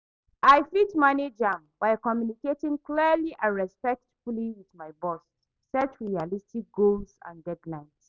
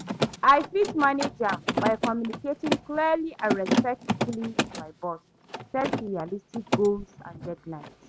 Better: first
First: none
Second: background sound (Mechanisms); 3 dB below the speech

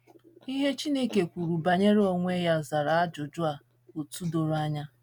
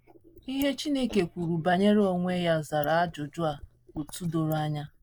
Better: first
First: none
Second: noise reduction (neural mask model Resemble Enhance denoiser)

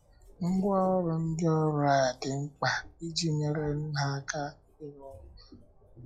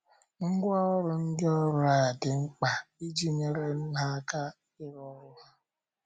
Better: second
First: noise reduction (classical method log-MMSE)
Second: none

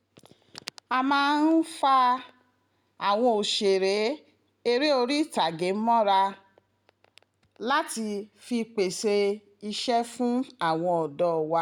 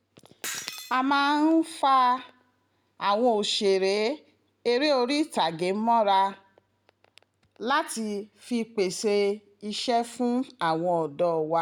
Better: first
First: none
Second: background sound (Shatter); 16 dB below the speech

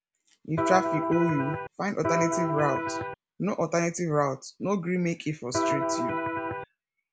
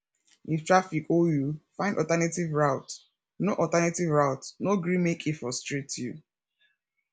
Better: second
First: background sound (Electric guitar); 1 dB above the speech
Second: none

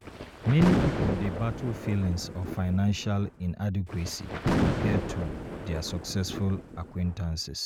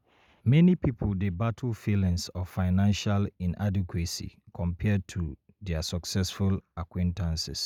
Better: second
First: background sound (Thunder); 3 dB below the speech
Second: none

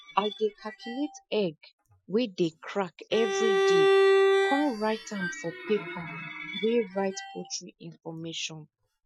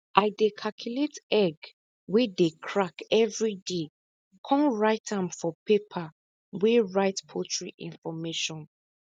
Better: second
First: noise reduction (classical method Wiener filter)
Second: none

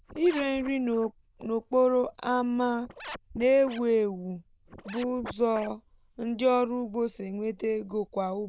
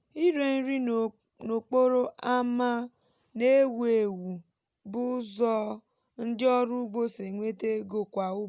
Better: second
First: noise reduction (neural diffusion model UNIVERSE++)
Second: none

